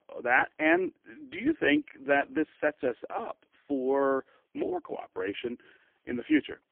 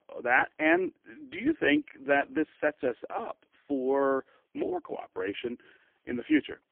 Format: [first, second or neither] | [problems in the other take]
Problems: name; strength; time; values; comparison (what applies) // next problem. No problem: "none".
neither | phone-call audio; poor line; nothing above 3 kHz; the same in both